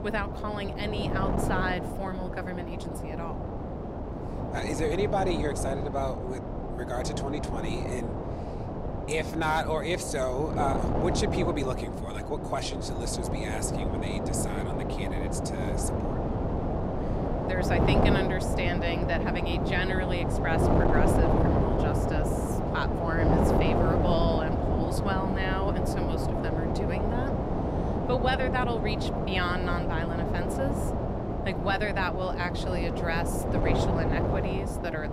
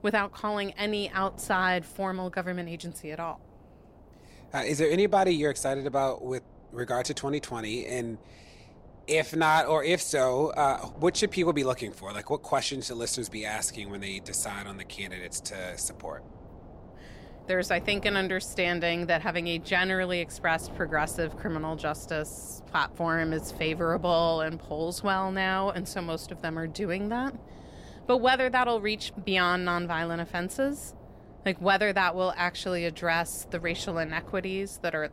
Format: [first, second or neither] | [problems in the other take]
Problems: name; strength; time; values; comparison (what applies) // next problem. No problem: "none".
second | wind noise on the microphone; heavy; as loud as the speech; occasional gusts in the second